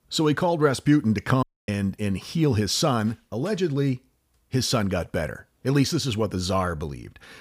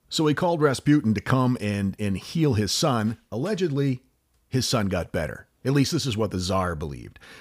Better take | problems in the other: second | audio cutting out; at 1.5 s

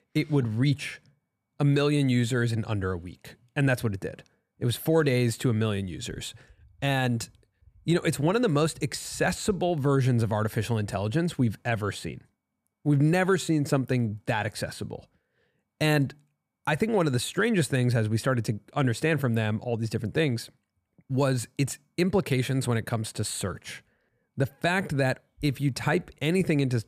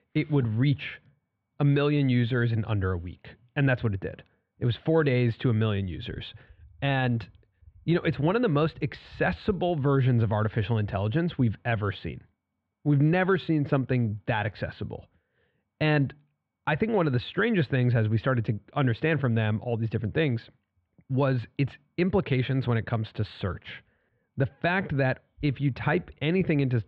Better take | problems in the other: first | muffled; slightly; fading above 3.5 kHz

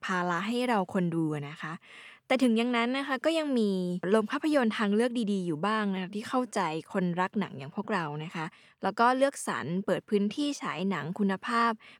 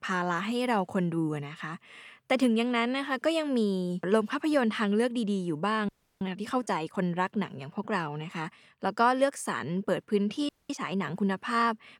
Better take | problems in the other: first | audio freezing; at 6 s and at 10 s

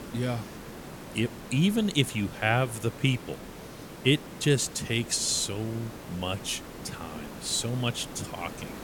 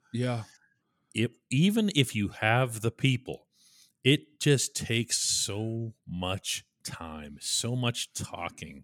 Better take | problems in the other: second | hiss; noticeable; throughout; 15 dB below the speech

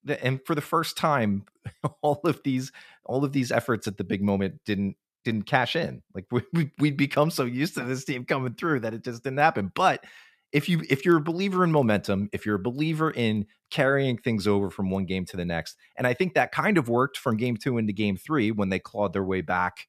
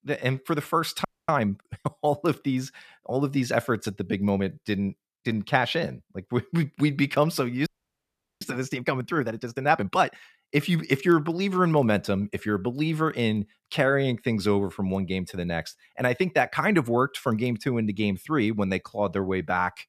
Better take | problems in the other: first | audio freezing; at 1 s and at 7.5 s for 1 s

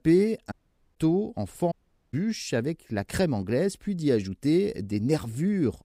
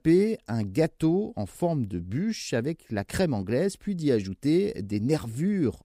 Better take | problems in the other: second | audio cutting out; at 0.5 s and at 1.5 s

